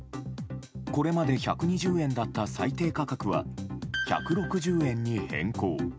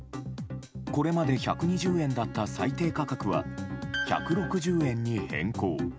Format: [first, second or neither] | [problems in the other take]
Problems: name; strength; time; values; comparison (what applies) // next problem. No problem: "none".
first | background sound (Bowed string instrument); 17 dB below the speech